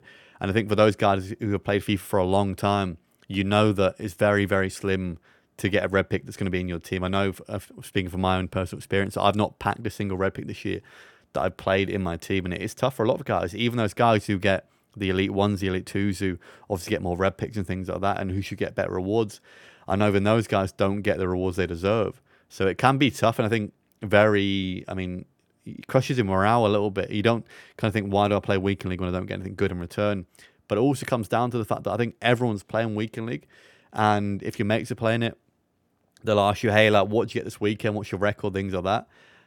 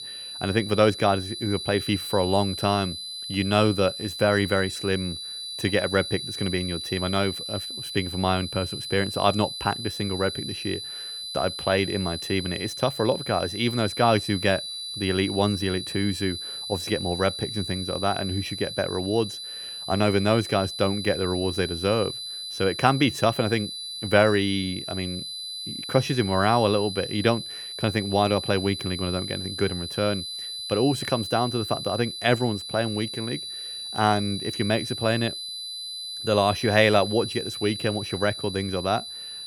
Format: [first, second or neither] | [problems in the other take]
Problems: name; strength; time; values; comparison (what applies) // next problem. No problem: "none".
first | high-pitched whine; loud; throughout; 4 kHz, 7 dB below the speech